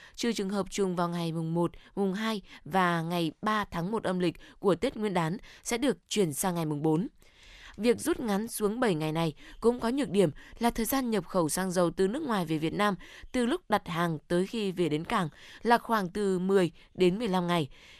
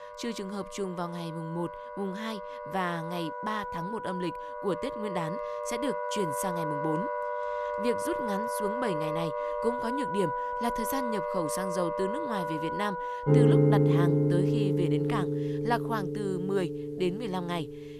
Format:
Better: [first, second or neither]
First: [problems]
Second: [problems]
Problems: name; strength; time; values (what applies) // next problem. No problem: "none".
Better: first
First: none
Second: background music; very loud; throughout; 4 dB above the speech